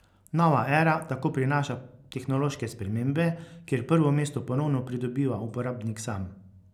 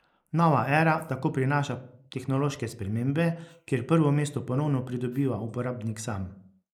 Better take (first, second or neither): first